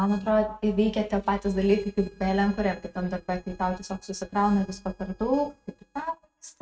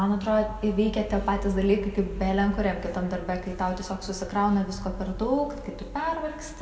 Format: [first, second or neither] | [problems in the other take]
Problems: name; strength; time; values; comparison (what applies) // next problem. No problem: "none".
second | noise reduction (neural mask model RNNoise)